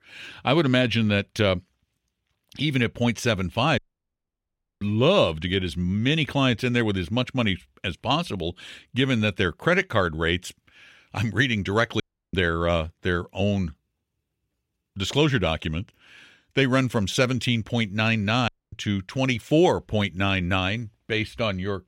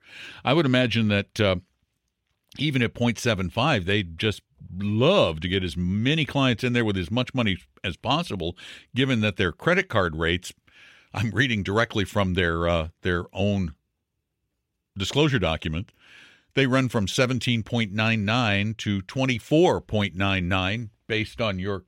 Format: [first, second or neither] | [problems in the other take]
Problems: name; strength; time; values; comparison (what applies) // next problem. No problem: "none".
second | audio cutting out; at 4 s for 1 s, at 12 s and at 18 s